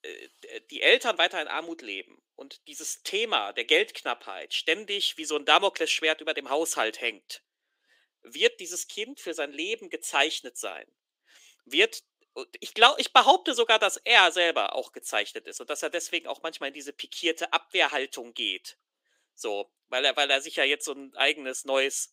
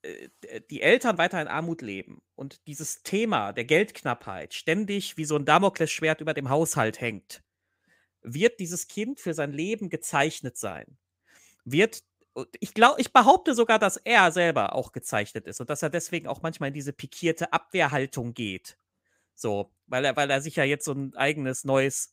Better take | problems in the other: second | thin; somewhat; fading below 300 Hz

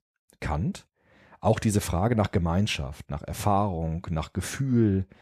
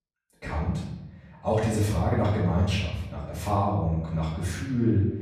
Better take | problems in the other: first | off-mic speech; far // room echo; noticeable; dies away in 0.9 s

